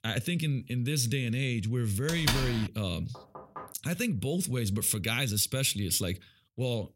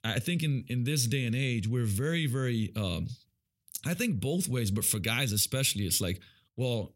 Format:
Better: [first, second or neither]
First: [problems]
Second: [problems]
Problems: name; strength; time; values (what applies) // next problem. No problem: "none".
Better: second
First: door banging; loud; at 2 s; peak 1 dB above the speech // door banging; faint; at 3 s; peak 15 dB below the speech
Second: none